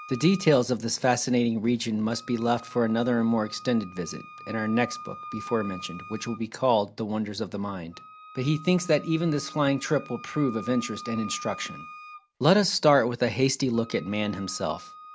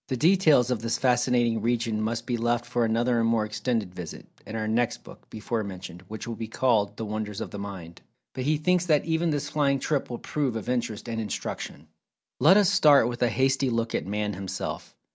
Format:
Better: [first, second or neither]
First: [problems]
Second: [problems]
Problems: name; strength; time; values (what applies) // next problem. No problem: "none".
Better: second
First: background sound (Wind instrument, woodwind instrument); 18 dB below the speech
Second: none